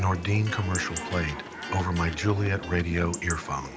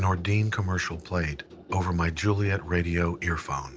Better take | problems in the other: second | background sound (Electric guitar + Chatter / Chirp, tweet / Livestock, farm animals, working animals); 10 dB below the speech

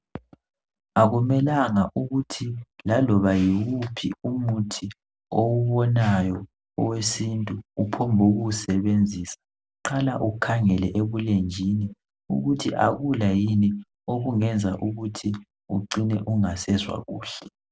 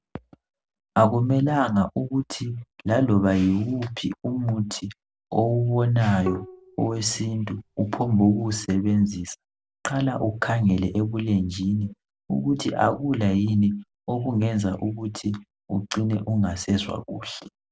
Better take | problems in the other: first | background sound (Bowed string instrument); 14 dB below the speech

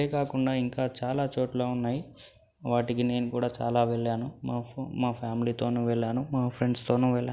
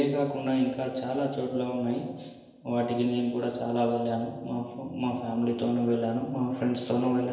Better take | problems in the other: first | room echo; dies away in 1 s

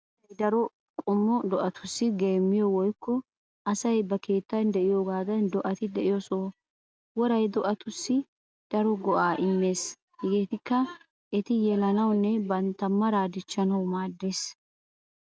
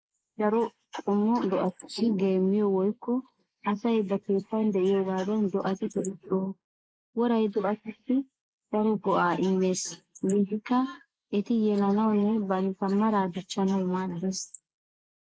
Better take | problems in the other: first | noise reduction (neural mask model Resemble Enhance denoiser)

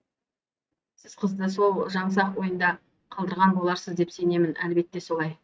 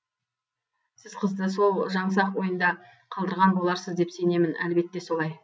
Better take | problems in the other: second | noise reduction (neural mask model RNNoise)

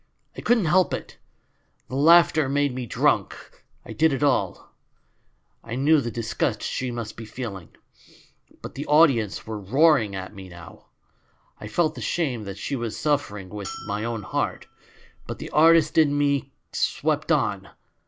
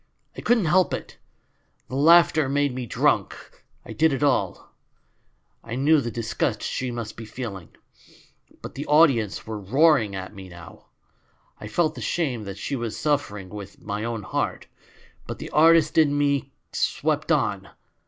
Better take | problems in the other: second | background sound (Bell); 17 dB below the speech

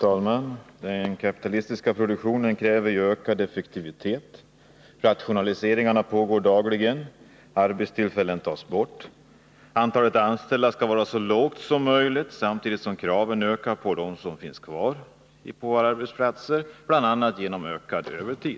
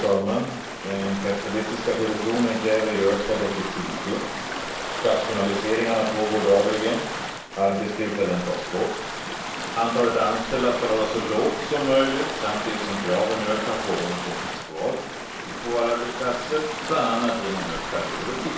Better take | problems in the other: first | background sound (Stream / Ocean); 6 dB below the speech // room echo; dies away in 0.7 s

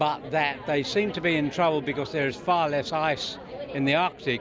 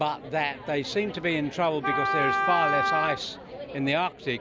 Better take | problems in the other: first | background sound (Wind instrument, woodwind instrument); as loud as the speech

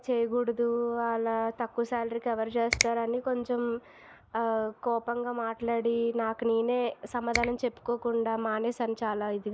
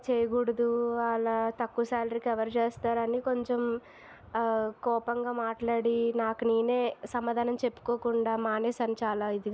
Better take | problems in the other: second | noise reduction (neural mask model DeepFilterNet 3)

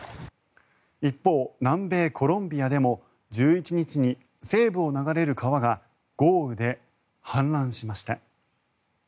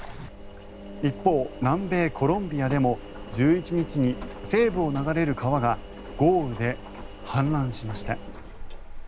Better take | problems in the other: first | background sound (Engine); 11 dB below the speech

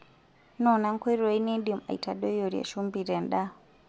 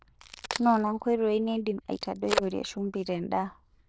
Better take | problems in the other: first | noise reduction (neural diffusion model UNIVERSE++)

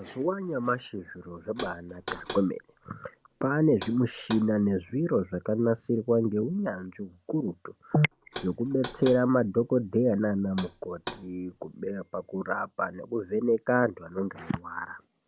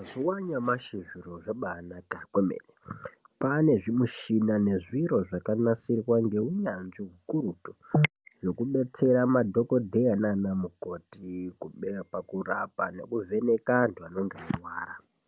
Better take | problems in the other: second | background sound (Knock); 16 dB below the speech

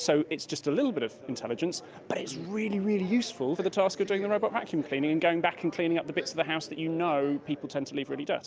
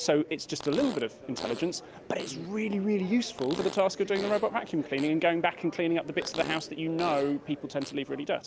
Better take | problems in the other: first | background sound (Fart); 15 dB below the speech

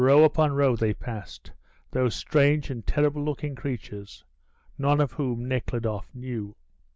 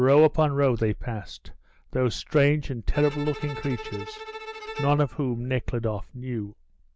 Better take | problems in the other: first | background sound (Bowed string instrument); 14 dB below the speech

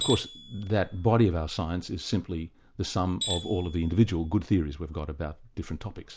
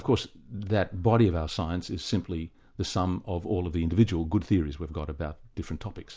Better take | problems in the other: second | background sound (Tools); 13 dB below the speech

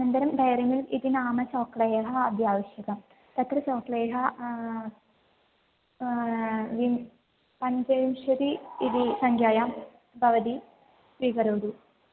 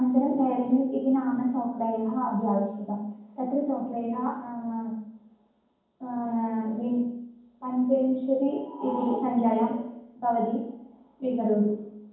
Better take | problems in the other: first | room echo; dies away in 1.2 s

